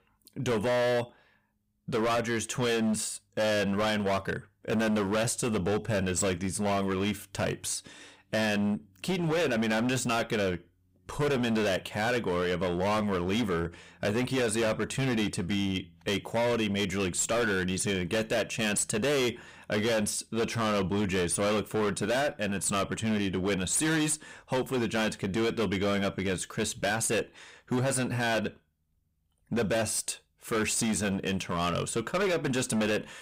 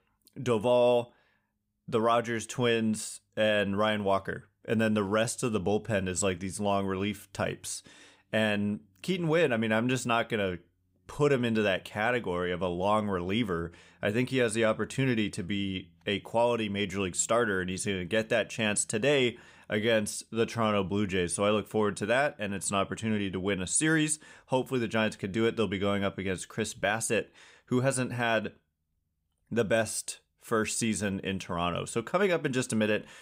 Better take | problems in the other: second | distortion; heavy; 21% of the sound clipped

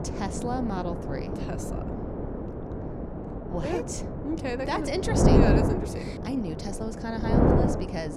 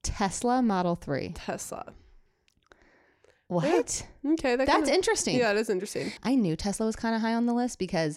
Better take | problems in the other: second | wind noise on the microphone; heavy; 2 dB above the speech

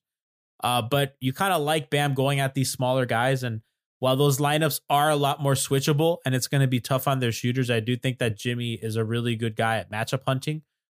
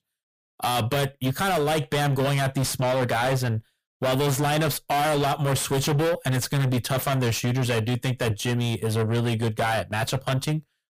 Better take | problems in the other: first | distortion; heavy; 5 dB below the speech

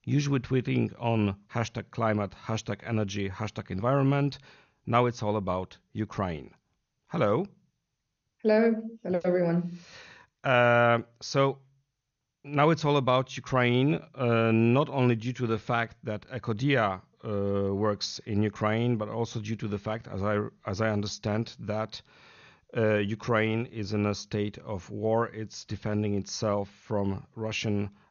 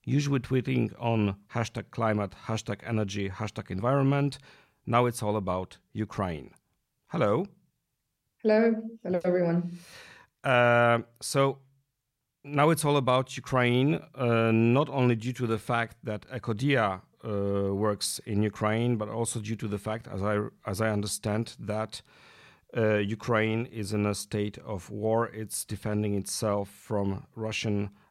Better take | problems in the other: second | garbled, watery; slightly; nothing above 6.5 kHz

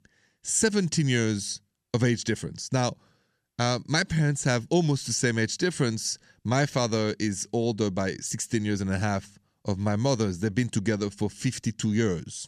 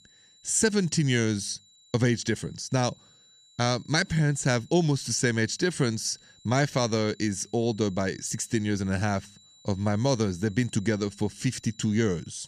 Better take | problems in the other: first | high-pitched whine; faint; throughout; 4 kHz, 30 dB below the speech

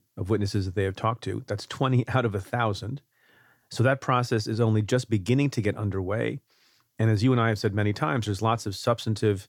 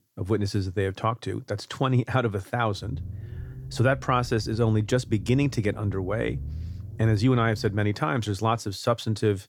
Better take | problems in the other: first | low rumble; faint; from 3 to 8 s; 25 dB below the speech

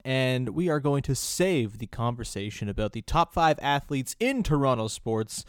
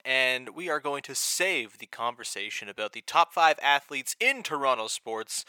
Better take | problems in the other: first | thin; very; fading below 700 Hz

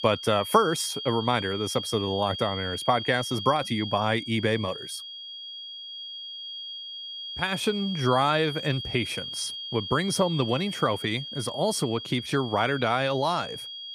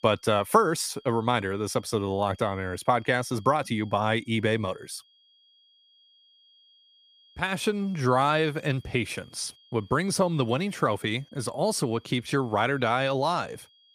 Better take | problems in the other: second | high-pitched whine; loud; throughout; 3.5 kHz, 8 dB below the speech; faint in the second

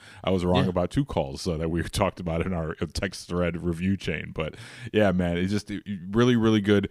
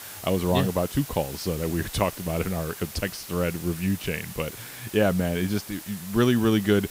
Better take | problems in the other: first | hiss; noticeable; throughout; 10 dB below the speech

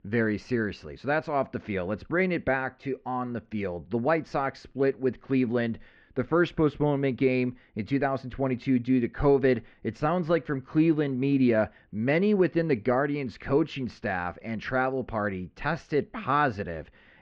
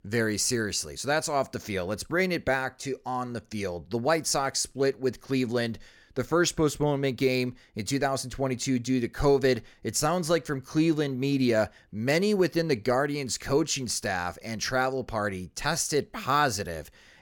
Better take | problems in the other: second | muffled; very; fading above 3 kHz

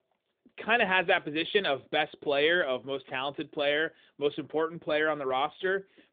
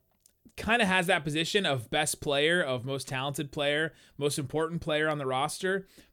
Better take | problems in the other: second | phone-call audio; nothing above 3.5 kHz

